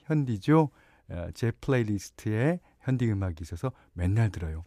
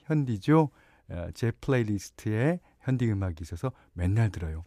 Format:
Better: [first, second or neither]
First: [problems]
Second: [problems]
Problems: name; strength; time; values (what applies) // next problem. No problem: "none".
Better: neither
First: none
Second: none